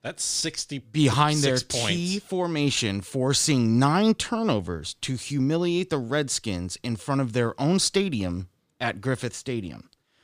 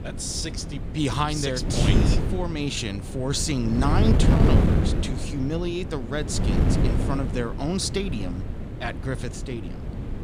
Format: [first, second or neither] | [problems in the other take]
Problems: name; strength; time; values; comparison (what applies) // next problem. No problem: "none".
first | wind noise on the microphone; heavy; 4 dB below the speech